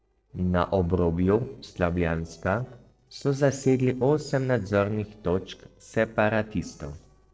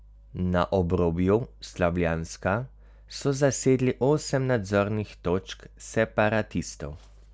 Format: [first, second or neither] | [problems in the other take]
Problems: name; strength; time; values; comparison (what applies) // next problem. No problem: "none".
second | noise reduction (neural separator model SepFormer DNS4)